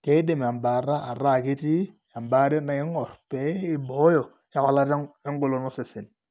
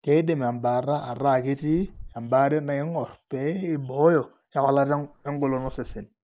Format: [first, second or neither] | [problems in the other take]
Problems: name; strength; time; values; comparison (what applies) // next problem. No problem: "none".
first | noise reduction (neural mask model Resemble Enhance denoiser)